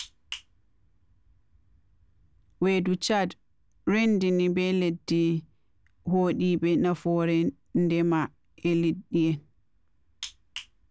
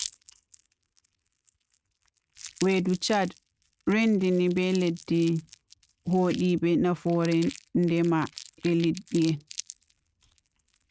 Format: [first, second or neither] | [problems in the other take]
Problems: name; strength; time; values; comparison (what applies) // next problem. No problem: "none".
first | noise reduction (neural mask model RNNoise)